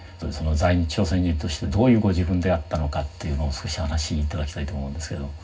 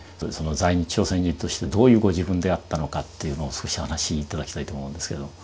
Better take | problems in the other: second | room echo; dies away in 0.4 s

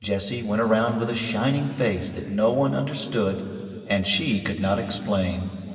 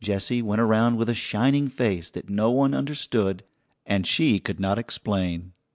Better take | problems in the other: second | room echo; dies away in 2.7 s

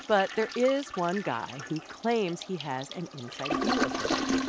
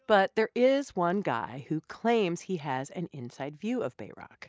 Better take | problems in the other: second | background sound (Toilet flush); 3 dB below the speech

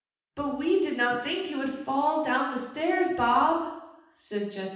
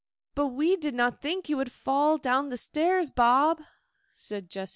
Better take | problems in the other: second | room echo; dies away in 0.9 s

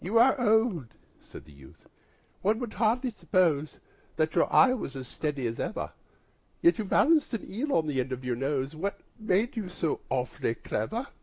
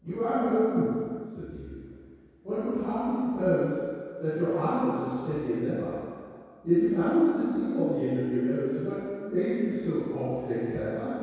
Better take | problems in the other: first | room echo; dies away in 2 s

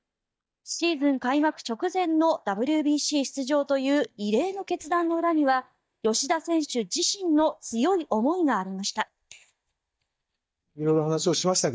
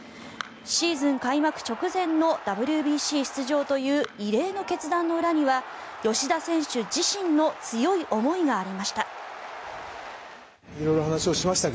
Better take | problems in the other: second | noise reduction (neural mask model DeepFilterNet 3)

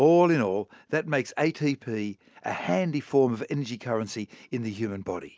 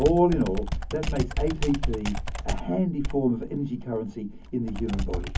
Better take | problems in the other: first | background sound (Computer keyboard); 3 dB below the speech // room echo; dies away in 0.3 s

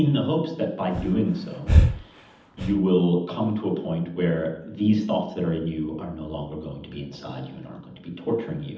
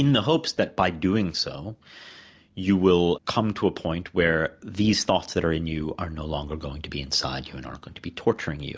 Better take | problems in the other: second | background sound (Breathing); 2 dB above the speech // room echo; dies away in 0.8 s

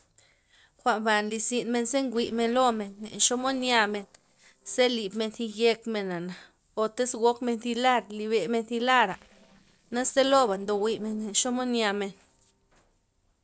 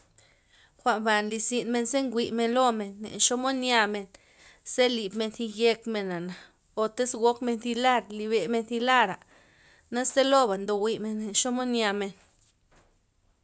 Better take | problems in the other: second | noise reduction (neural separator model SepFormer DNS4)

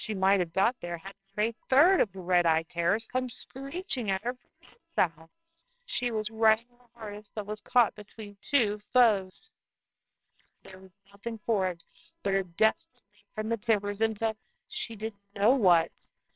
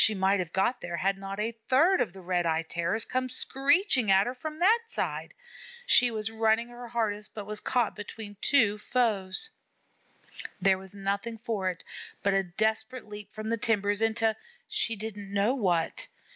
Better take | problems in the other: second | noise reduction (neural separator model SepFormer WHAMR!)

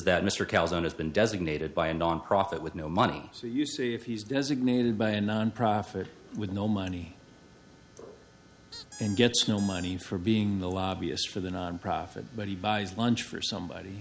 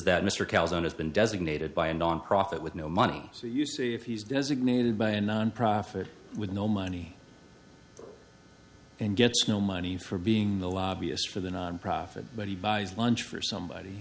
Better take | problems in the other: second | background sound (Squeak); 17 dB below the speech

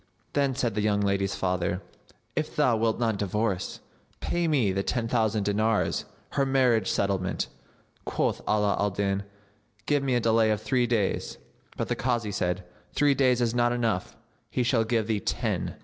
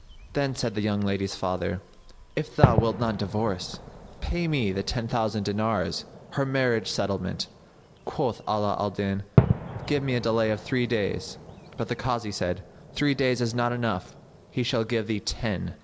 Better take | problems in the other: first | background sound (Fireworks); 5 dB below the speech

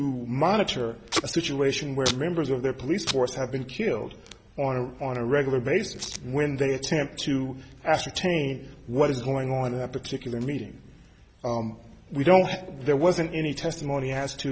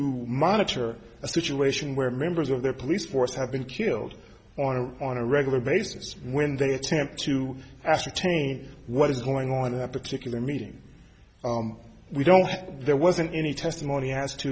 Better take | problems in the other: second | background sound (Packing tape, duct tape); 15 dB below the speech

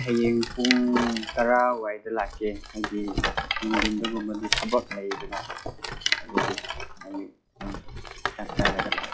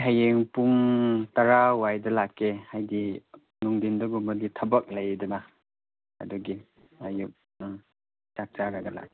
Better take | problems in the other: second | noise reduction (classical method log-MMSE)

